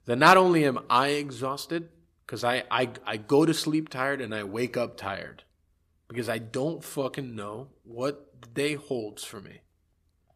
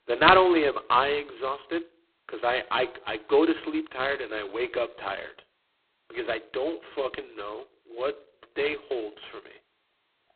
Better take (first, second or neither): first